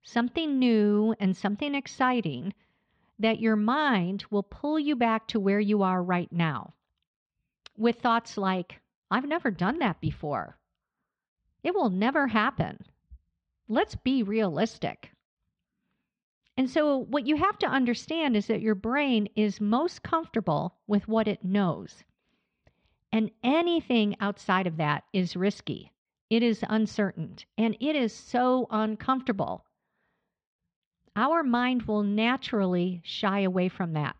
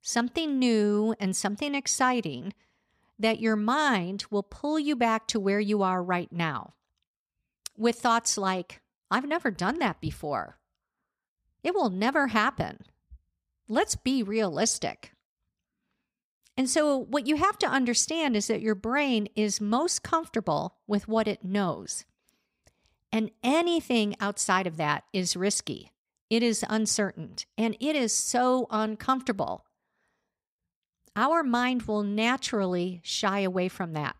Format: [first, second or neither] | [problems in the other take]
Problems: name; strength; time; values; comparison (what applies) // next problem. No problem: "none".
second | muffled; slightly; fading above 3.5 kHz